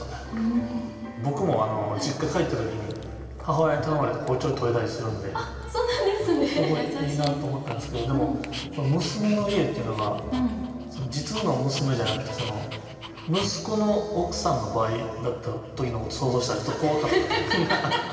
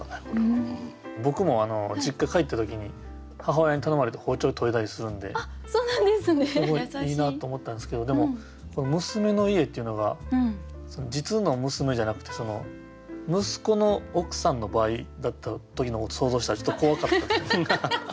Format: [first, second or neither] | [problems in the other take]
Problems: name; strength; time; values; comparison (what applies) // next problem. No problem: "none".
second | background sound (Dog); 19 dB below the speech // room echo; dies away in 2.6 s